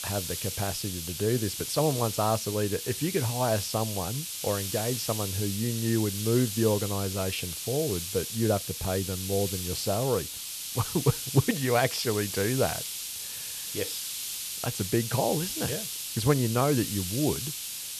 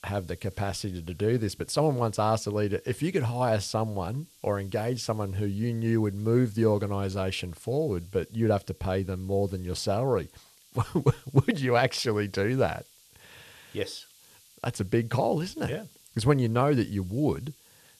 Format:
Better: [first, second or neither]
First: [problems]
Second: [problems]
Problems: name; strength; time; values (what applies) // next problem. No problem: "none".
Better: second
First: hiss; loud; throughout; 4 dB below the speech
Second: hiss; faint; throughout; 25 dB below the speech